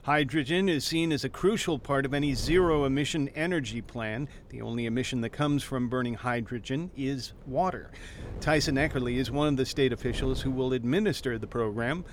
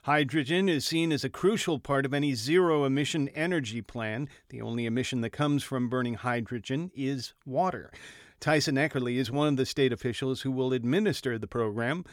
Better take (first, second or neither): second